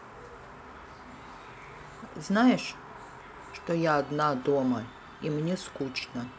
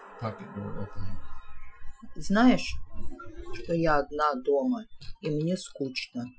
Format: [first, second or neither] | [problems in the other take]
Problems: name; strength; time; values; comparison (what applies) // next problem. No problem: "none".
first | noise reduction (classical method Wiener filter)